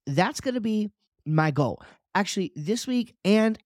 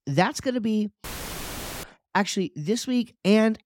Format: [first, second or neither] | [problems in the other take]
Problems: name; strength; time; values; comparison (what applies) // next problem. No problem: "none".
first | audio cutting out; filled with static; at 1 s for 1 s